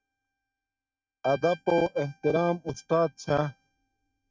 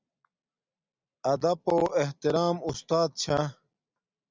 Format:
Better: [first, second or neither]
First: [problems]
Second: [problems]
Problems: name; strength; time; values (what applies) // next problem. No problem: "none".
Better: second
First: noise reduction (neural mask model RNNoise)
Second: none